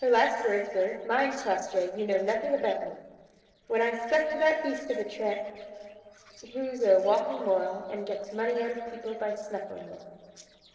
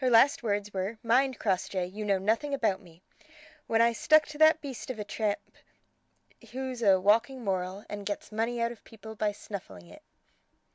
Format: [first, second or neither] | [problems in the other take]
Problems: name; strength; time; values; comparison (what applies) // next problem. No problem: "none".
second | noise reduction (neural separator model SepFormer DNS4)